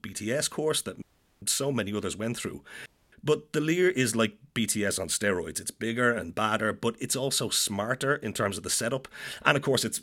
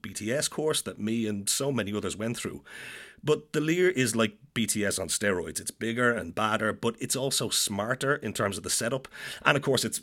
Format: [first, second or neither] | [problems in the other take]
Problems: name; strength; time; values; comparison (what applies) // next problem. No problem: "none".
second | audio cutting out; at 1 s and at 3 s